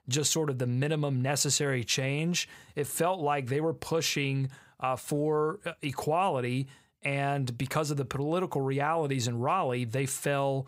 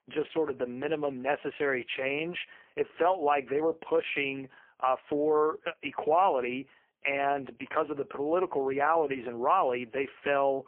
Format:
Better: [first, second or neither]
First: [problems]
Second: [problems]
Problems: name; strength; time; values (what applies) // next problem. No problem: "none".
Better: first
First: none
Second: phone-call audio; poor line